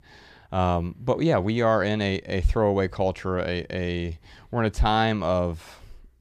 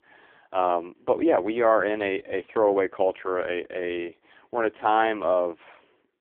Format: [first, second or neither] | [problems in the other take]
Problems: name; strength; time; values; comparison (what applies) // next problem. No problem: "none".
first | phone-call audio; poor line; nothing above 3.5 kHz